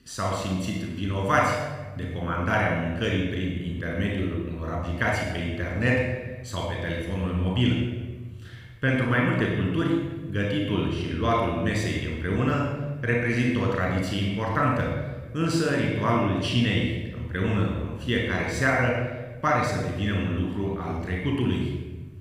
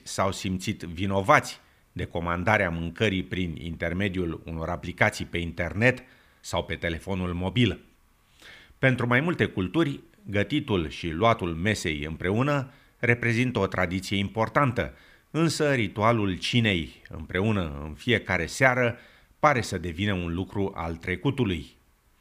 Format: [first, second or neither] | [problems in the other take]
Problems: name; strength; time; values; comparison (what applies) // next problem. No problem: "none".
second | off-mic speech; somewhat distant // room echo; noticeable; dies away in 1.2 s